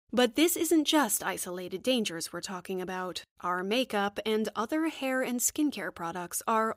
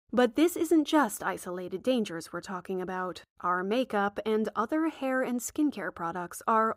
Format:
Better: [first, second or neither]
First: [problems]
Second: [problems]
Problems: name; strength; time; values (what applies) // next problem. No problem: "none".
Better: first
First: none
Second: muffled; slightly; fading above 1.5 kHz